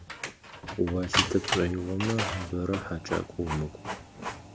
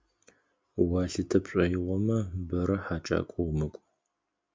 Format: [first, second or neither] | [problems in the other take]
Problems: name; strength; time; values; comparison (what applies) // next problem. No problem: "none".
second | background sound (Printer); 3 dB below the speech